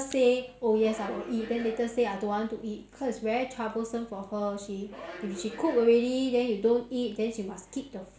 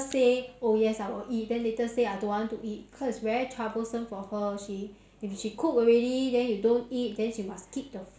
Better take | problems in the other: second | background sound (Subway, metro, underground); 15 dB below the speech

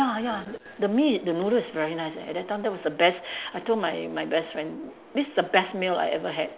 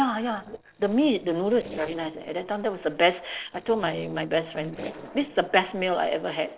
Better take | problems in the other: first | noise reduction (neural separator model SepFormer DNS4)

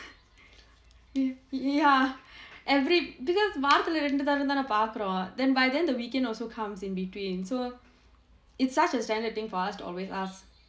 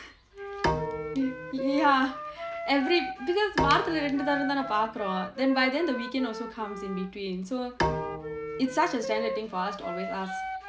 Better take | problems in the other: first | background sound (Bowed string instrument + Wind instrument, woodwind instrument); 5 dB below the speech

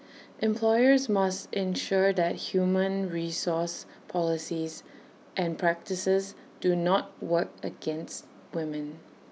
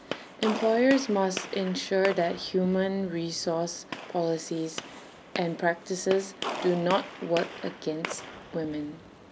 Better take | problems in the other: first | background sound (Gunshot, gunfire); 11 dB below the speech

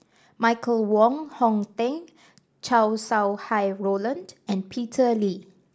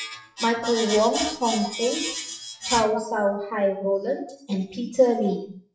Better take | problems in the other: first | noise reduction (classical method WPE with log-MMSE)

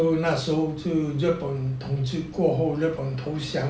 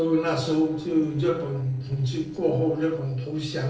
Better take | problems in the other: first | noise reduction (neural separator model SepFormer DNS4)

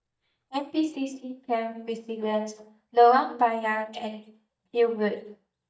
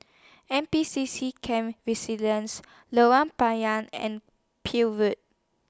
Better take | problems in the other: second | noise reduction (neural mask model DeepFilterNet 3)

